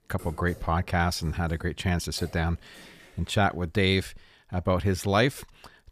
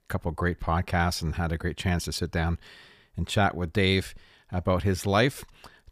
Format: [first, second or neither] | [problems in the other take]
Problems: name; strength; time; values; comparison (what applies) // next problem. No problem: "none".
second | household noises; faint; throughout; 25 dB below the speech